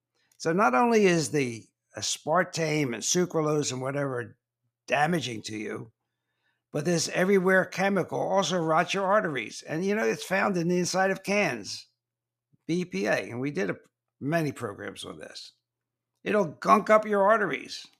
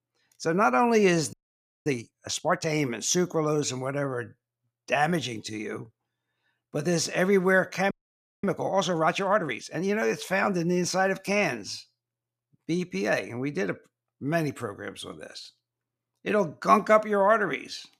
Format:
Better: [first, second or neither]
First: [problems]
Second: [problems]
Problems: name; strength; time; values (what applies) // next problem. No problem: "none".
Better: first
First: none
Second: audio freezing; at 1.5 s for 0.5 s and at 8 s for 0.5 s